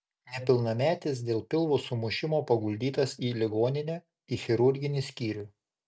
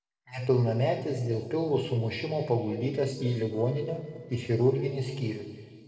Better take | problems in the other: first | noise reduction (neural separator model SepFormer DNS4)

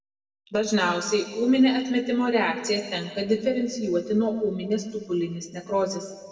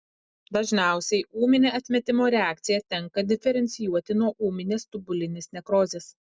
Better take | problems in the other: second | room echo; dies away in 1.5 s

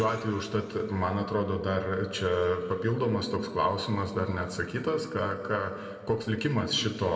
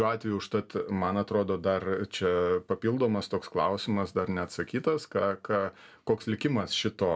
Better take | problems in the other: second | room echo; dies away in 2.3 s

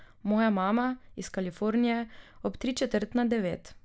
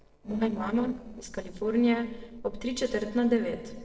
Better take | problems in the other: first | noise reduction (neural separator model SepFormer DNS4)

